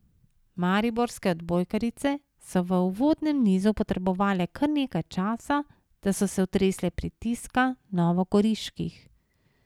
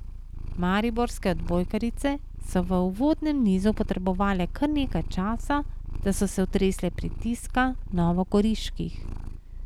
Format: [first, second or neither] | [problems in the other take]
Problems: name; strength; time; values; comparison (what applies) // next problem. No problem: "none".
first | background sound (Purr); 6 dB below the speech